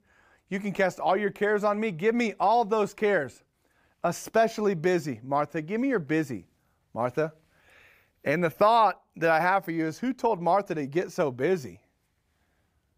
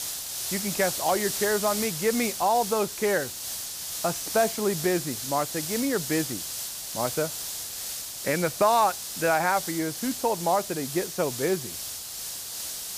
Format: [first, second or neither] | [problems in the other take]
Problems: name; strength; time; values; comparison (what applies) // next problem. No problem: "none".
first | hiss; loud; throughout; 4 dB below the speech